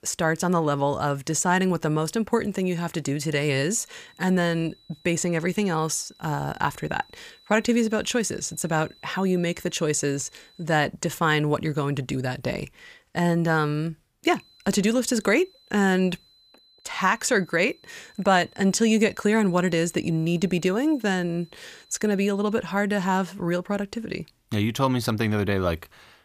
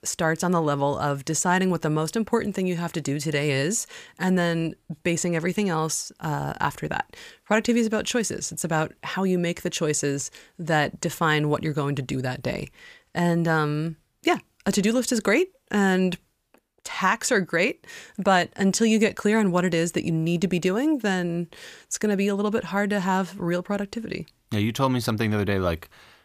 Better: second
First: high-pitched whine; faint; from 4 to 11 s and from 14 to 23 s; 4 kHz, 30 dB below the speech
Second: none

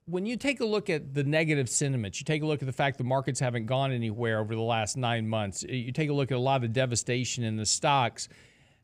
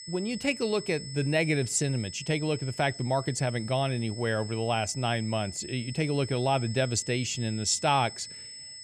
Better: first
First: none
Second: high-pitched whine; noticeable; throughout; 5 kHz, 10 dB below the speech

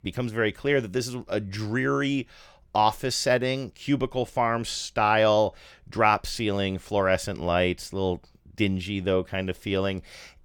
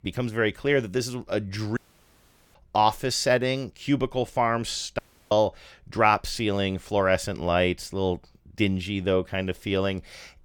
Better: first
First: none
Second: audio cutting out; at 2 s for 1 s and at 5 s

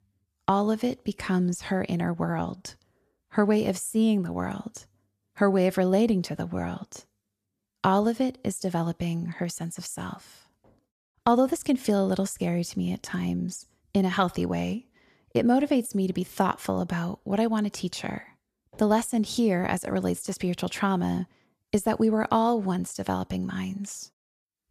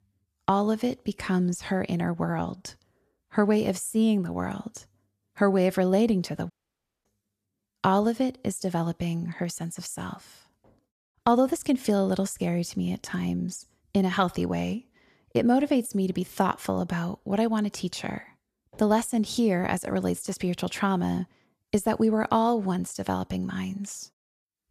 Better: first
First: none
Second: audio cutting out; at 6.5 s for 0.5 s

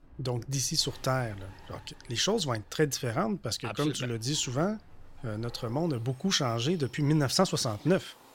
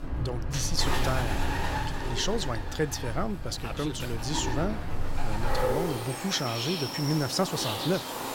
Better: first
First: animal sounds; faint; throughout; 25 dB below the speech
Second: animal sounds; loud; throughout; 2 dB below the speech

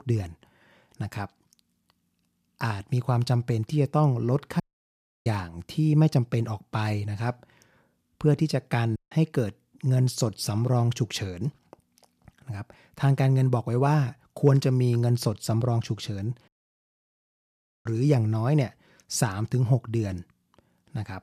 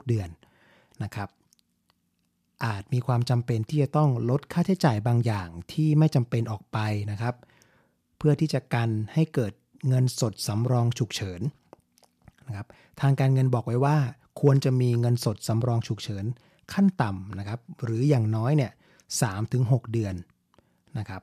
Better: second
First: audio cutting out; at 4.5 s for 0.5 s, at 9 s and at 16 s for 1.5 s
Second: none

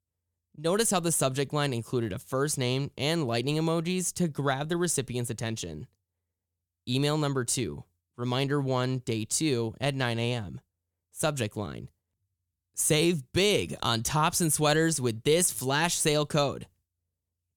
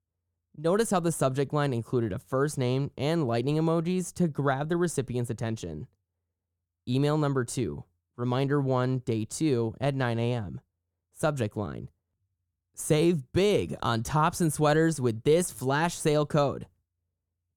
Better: first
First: none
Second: muffled; slightly; fading above 1.5 kHz

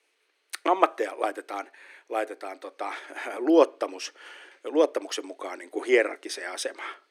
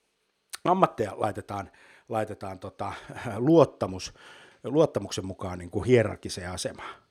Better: second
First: thin; somewhat; fading below 300 Hz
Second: none

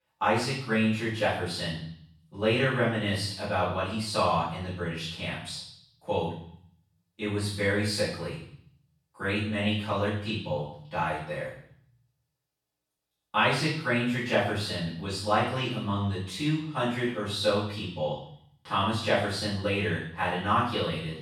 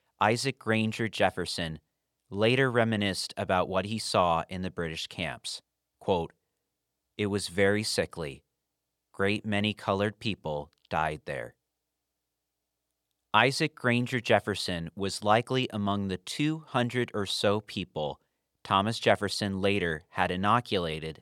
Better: second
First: off-mic speech; far // room echo; noticeable; dies away in 0.7 s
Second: none

